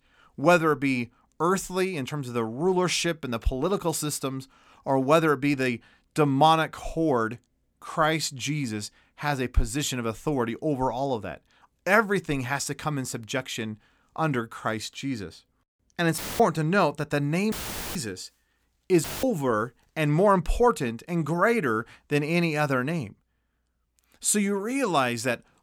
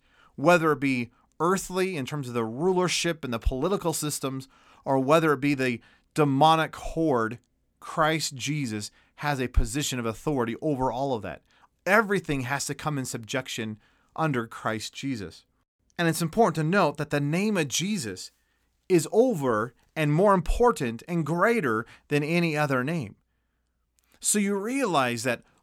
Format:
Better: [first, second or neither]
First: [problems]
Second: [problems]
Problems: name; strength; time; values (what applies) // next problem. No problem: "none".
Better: second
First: audio cutting out; filled with static; at 16 s, at 18 s and at 19 s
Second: none